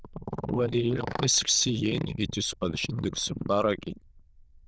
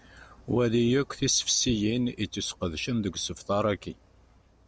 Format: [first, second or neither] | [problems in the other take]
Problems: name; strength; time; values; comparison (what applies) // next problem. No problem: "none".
second | noise reduction (neural diffusion model UNIVERSE++)